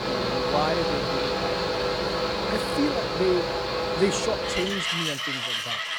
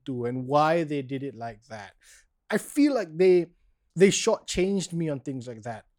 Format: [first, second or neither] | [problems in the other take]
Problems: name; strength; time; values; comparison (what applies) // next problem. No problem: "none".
second | machinery noise; very loud; throughout; 3 dB above the speech